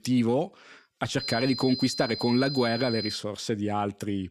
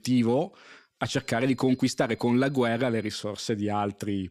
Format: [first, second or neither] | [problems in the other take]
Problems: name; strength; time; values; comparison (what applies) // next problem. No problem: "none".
second | high-pitched whine; loud; from 1 to 3 s; 4 kHz, 6 dB below the speech; faint in the second